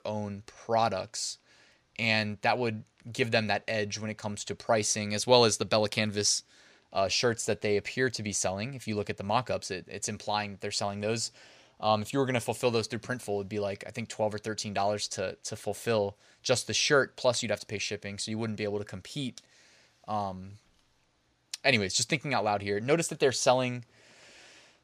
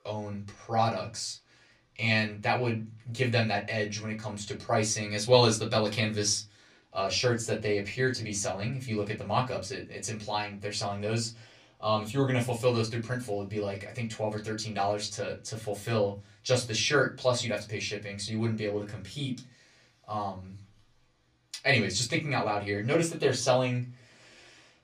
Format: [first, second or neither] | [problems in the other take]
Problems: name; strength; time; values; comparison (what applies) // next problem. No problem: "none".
first | off-mic speech; far // room echo; very slight; dies away in 0.3 s